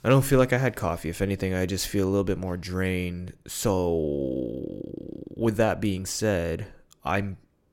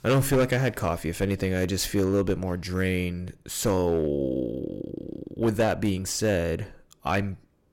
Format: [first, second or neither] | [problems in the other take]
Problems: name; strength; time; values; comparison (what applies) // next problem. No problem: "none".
first | distortion; slight; 4% of the sound clipped